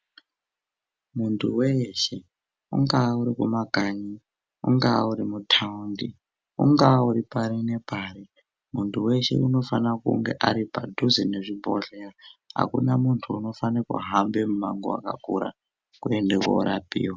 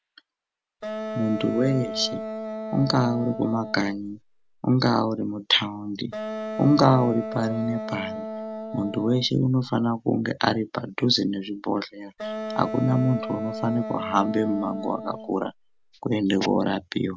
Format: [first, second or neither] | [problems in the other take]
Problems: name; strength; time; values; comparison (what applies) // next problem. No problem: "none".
first | background sound (Wind instrument, woodwind instrument); 8 dB below the speech